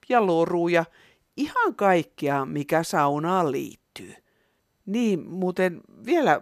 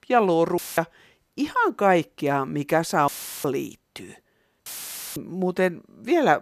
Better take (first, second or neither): first